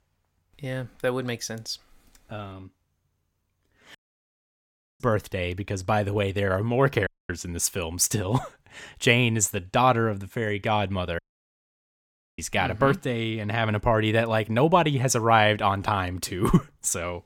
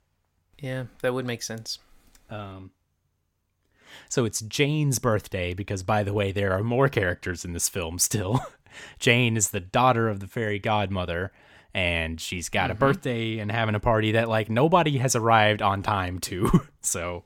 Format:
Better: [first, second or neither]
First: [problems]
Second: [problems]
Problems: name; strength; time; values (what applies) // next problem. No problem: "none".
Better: second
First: audio cutting out; at 4 s for 1 s, at 7 s and at 11 s for 1 s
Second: none